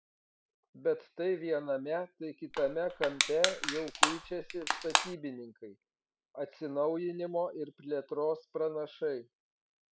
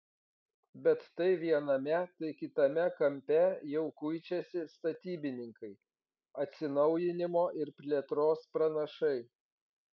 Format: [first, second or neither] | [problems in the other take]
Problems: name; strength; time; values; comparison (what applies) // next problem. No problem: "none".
second | background sound (Crushing); 2 dB above the speech